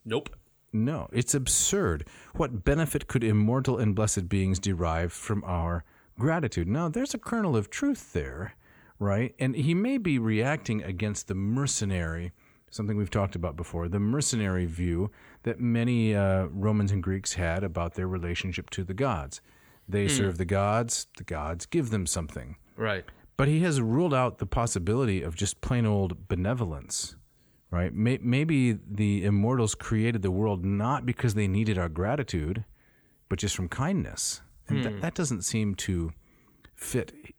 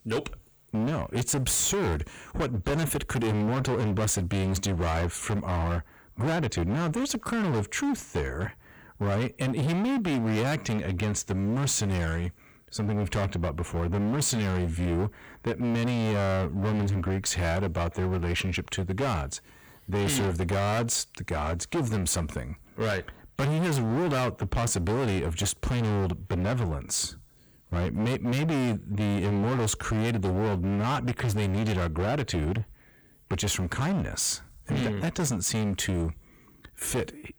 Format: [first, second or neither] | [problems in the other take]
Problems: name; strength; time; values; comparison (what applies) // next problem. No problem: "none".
first | distortion; heavy; 28% of the sound clipped